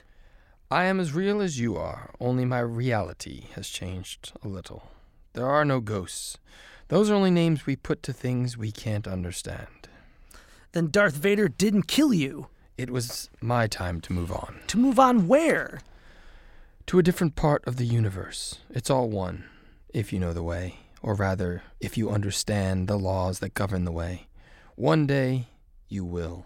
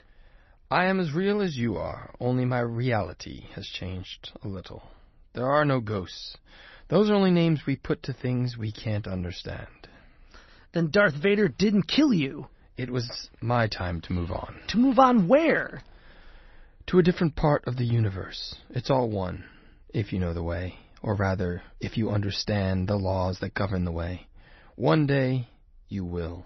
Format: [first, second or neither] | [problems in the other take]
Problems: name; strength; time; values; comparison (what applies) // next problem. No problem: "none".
first | garbled, watery; slightly; nothing above 6 kHz